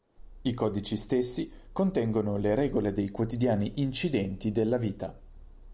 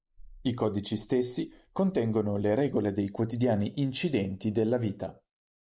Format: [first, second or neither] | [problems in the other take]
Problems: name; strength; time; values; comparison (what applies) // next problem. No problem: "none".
first | noise reduction (neural mask model Resemble Enhance denoiser)